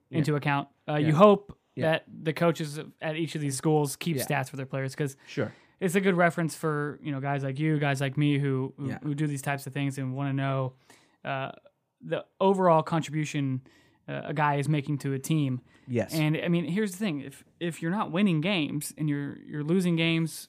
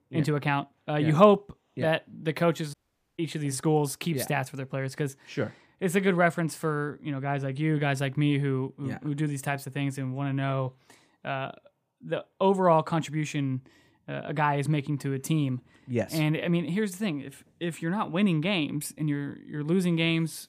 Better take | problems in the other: first | audio cutting out; at 2.5 s

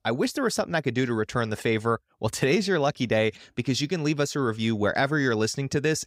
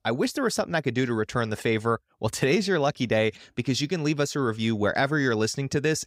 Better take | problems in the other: neither | none

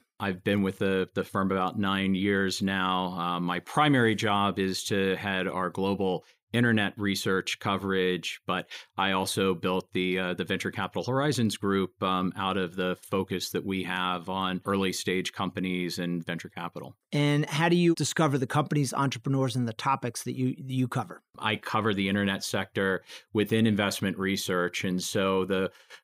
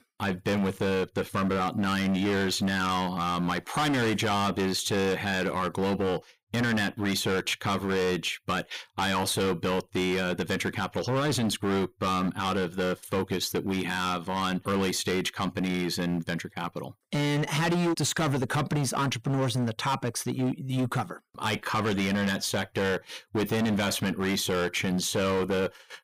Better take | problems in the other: first | distortion; heavy; 20% of the sound clipped

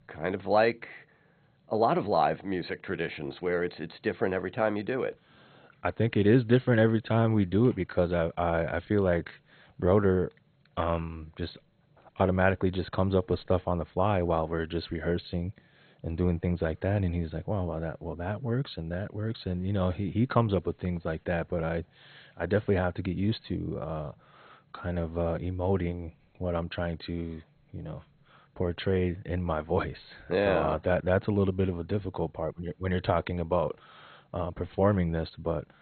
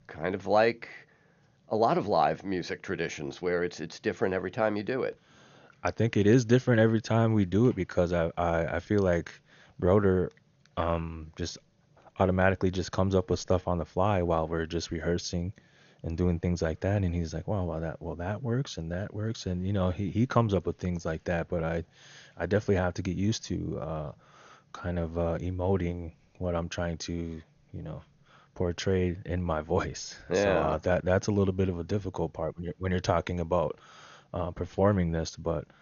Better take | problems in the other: second | garbled, watery; badly; nothing above 4 kHz; slightly in the second

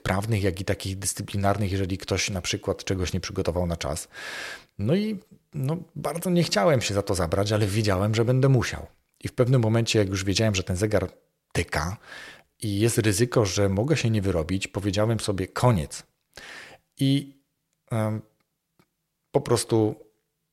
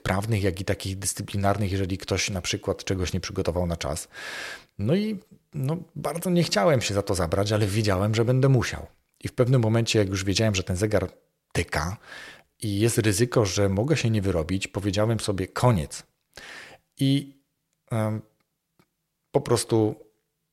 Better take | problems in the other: neither | none

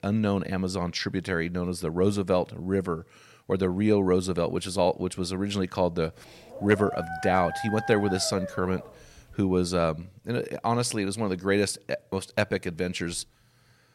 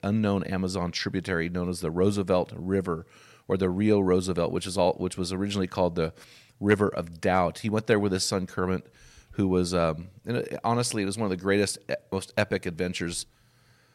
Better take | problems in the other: second | dog barking; noticeable; from 6.5 to 9 s; peak 6 dB below the speech

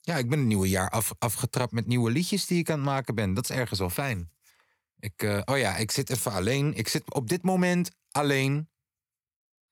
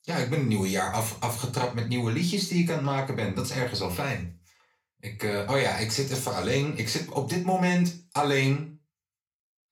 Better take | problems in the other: first | room echo; slight; dies away in 0.3 s // off-mic speech; far

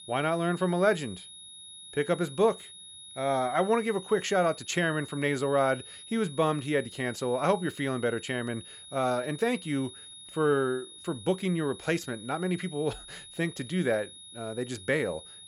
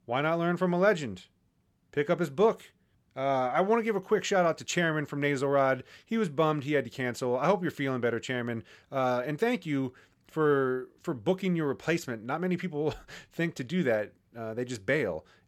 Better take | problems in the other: second | high-pitched whine; noticeable; throughout; 3.5 kHz, 15 dB below the speech

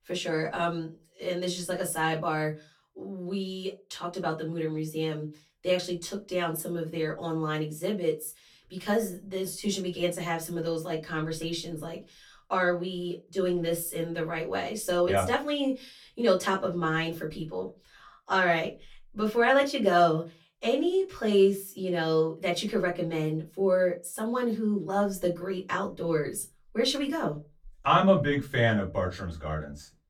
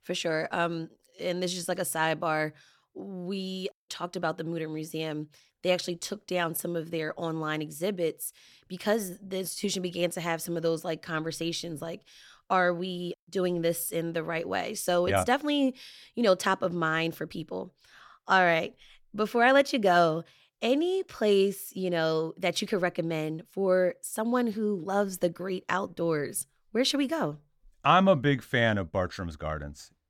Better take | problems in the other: second | off-mic speech; far // room echo; very slight; dies away in 0.2 s

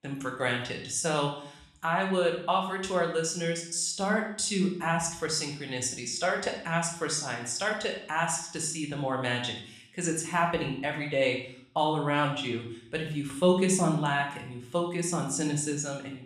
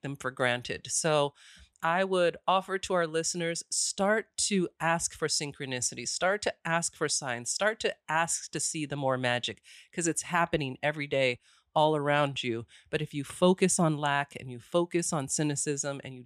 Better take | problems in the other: second | room echo; slight; dies away in 0.6 s // off-mic speech; somewhat distant

